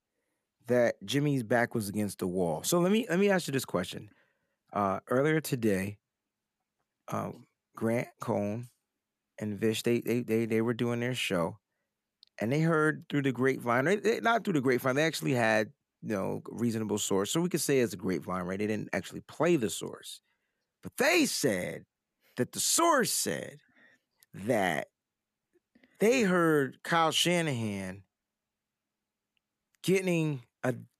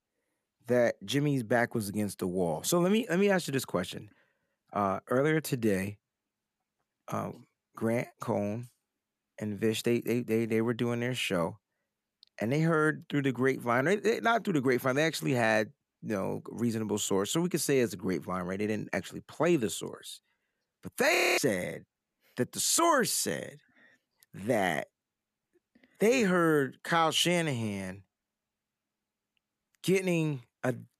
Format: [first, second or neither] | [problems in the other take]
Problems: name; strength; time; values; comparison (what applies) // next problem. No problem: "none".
first | audio freezing; at 21 s